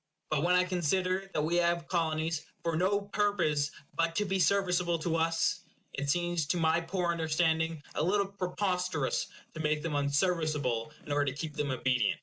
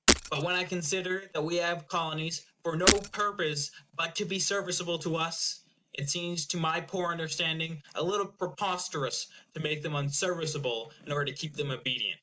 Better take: first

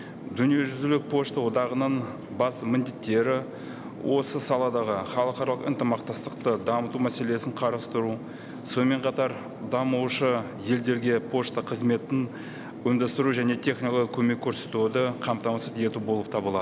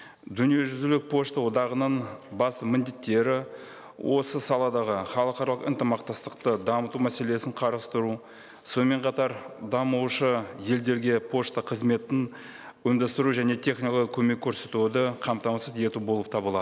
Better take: second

